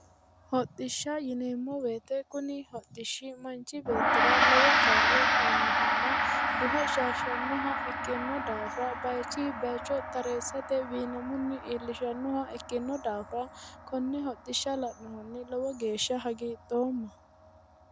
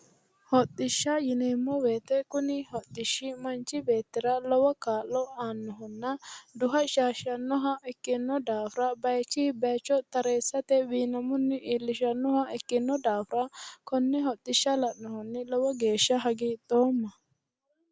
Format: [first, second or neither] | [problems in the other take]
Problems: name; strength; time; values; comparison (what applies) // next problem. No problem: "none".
second | background sound (Gong); 3 dB above the speech